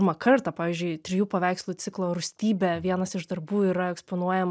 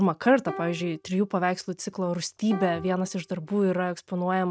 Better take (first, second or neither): first